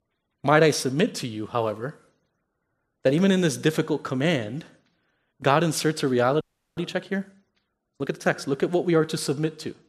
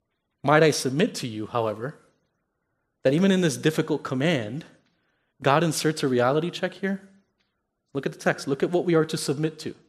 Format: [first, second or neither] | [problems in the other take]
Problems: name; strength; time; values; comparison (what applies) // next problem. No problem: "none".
second | audio freezing; at 6.5 s